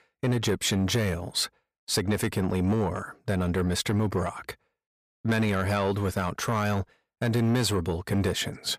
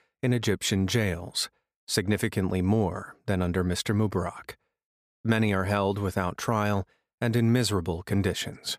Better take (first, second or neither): second